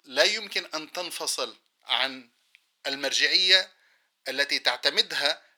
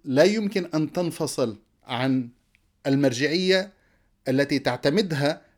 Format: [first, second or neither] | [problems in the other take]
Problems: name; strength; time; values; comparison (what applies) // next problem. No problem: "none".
second | thin; very; fading below 950 Hz